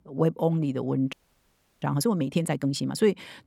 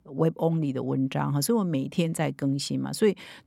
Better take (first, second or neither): second